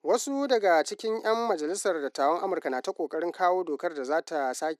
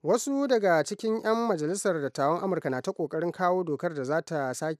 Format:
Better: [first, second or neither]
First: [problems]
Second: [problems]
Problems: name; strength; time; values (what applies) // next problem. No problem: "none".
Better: second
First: thin; very slightly; fading below 250 Hz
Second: none